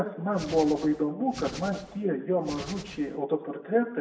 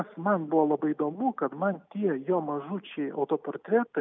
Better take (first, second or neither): second